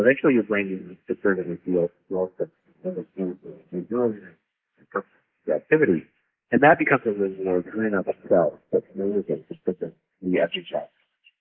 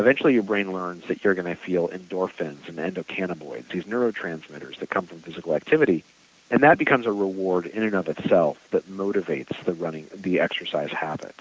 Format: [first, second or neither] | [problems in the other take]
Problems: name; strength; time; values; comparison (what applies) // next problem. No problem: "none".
second | noise reduction (neural mask model Resemble Enhance denoiser)